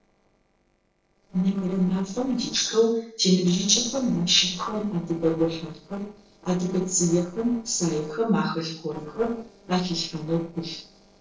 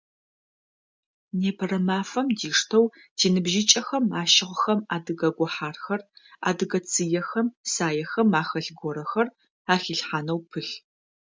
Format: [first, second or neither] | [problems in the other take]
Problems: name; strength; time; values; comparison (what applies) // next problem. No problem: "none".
second | noise reduction (neural separator model SepFormer DNS4)